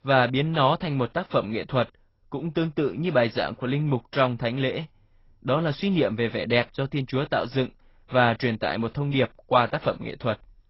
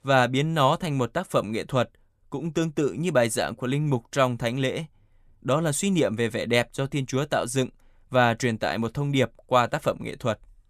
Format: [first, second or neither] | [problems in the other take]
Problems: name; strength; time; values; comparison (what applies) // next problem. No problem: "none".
second | garbled, watery; badly; nothing above 5.5 kHz